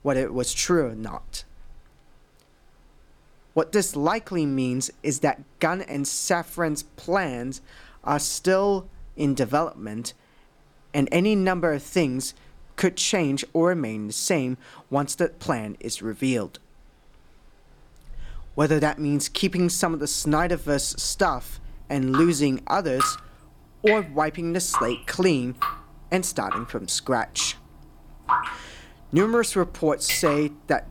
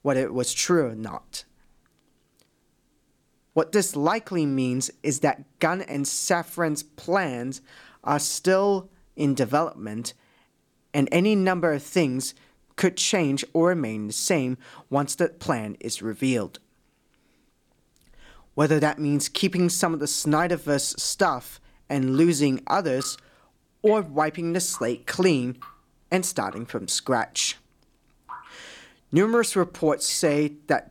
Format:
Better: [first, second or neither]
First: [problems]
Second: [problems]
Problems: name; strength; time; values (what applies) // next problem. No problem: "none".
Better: second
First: rain or running water; loud; throughout; 6 dB below the speech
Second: rain or running water; faint; throughout; 25 dB below the speech